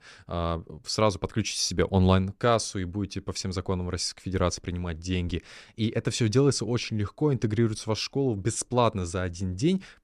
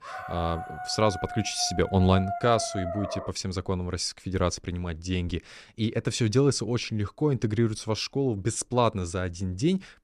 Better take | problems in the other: first | dog barking; noticeable; until 3.5 s; peak 6 dB below the speech

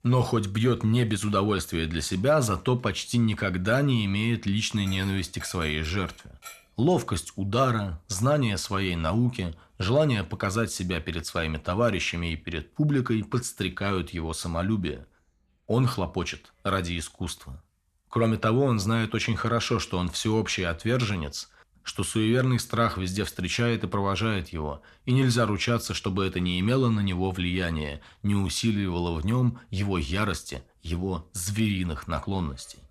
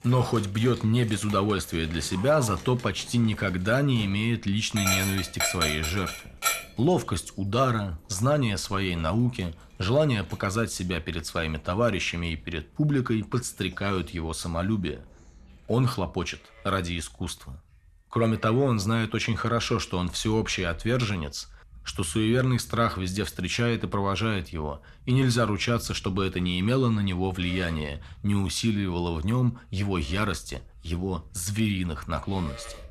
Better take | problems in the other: first | animal sounds; loud; throughout; 8 dB below the speech; faint in the first

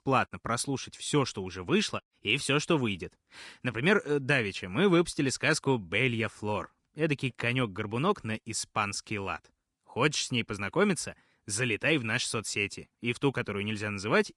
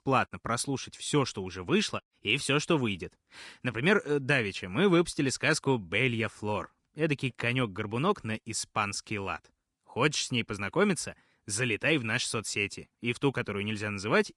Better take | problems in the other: neither | garbled, watery; slightly; nothing above 10.5 kHz; the same in both

